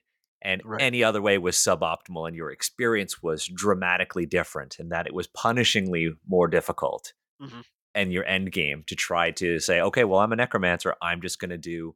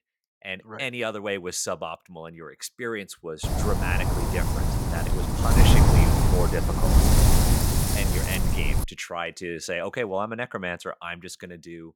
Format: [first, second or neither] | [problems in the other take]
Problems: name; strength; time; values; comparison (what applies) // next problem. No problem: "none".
first | wind noise on the microphone; heavy; from 3.5 to 9 s; 2 dB above the speech